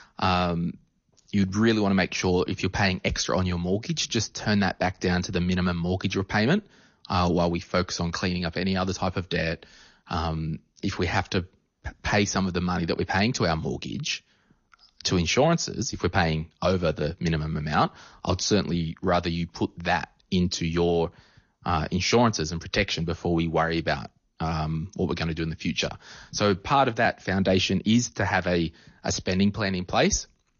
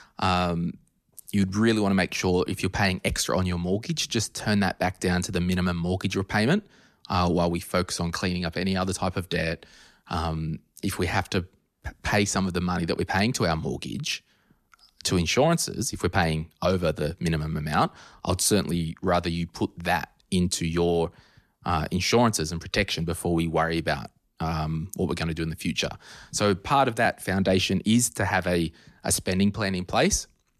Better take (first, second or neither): second